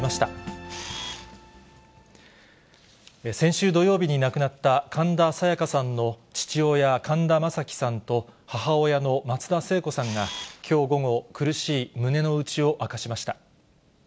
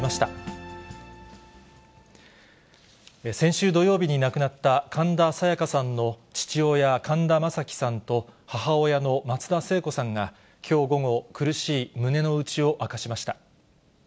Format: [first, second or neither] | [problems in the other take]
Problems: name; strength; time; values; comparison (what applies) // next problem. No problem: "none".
second | background sound (Camera); 12 dB below the speech